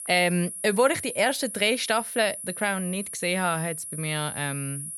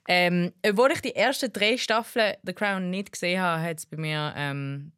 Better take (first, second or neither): second